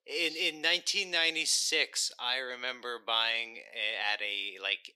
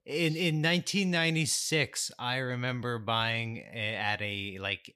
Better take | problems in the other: second | thin; very; fading below 350 Hz

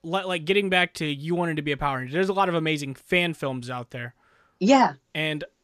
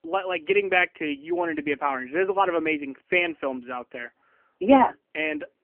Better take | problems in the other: first | phone-call audio; poor line; nothing above 3 kHz

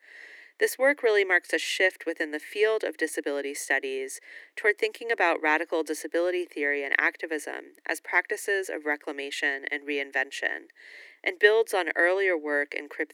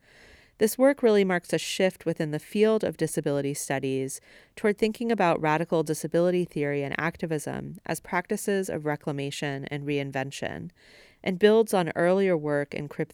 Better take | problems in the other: second | thin; very; fading below 300 Hz

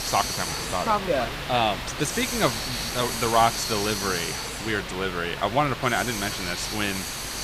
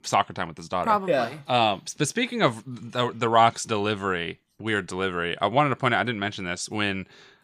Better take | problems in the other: second | hiss; loud; throughout; 3 dB below the speech

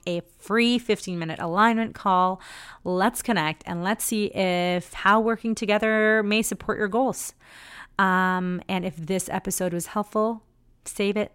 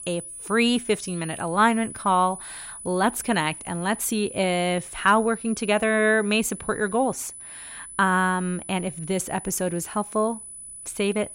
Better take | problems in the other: first | high-pitched whine; noticeable; throughout; 10 kHz, 15 dB below the speech

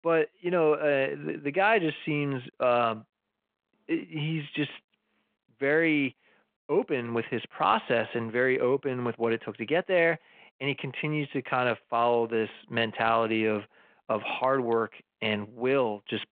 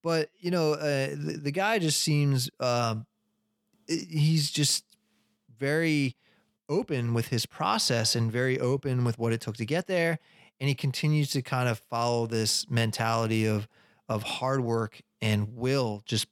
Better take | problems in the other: second | phone-call audio

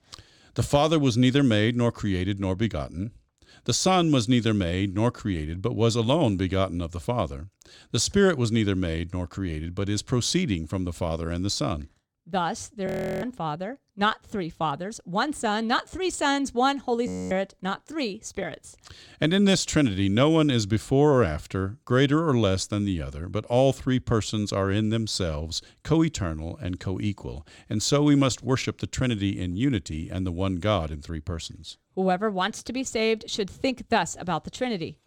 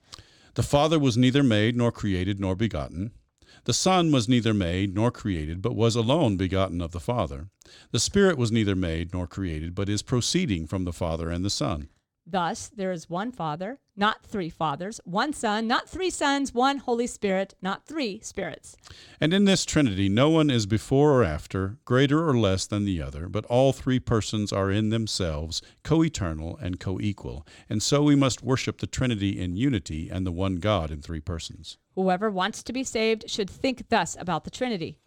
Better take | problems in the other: second | audio freezing; at 13 s and at 17 s

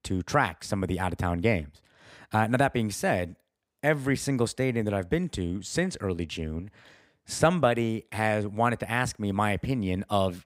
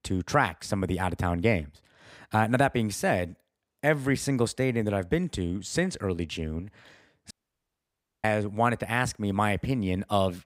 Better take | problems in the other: first | audio cutting out; at 7.5 s for 1 s

